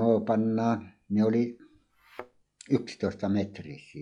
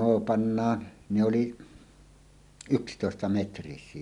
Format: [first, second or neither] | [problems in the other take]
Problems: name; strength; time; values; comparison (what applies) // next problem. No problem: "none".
second | noise reduction (classical method log-MMSE)